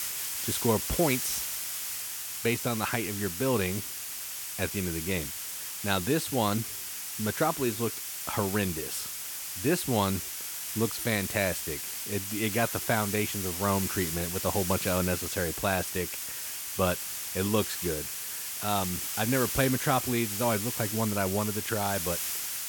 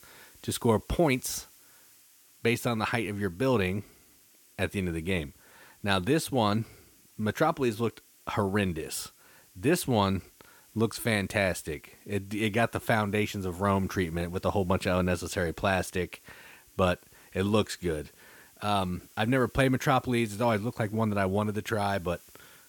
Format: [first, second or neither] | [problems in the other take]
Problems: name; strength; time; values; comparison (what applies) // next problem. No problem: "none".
second | hiss; loud; throughout; 2 dB below the speech; faint in the second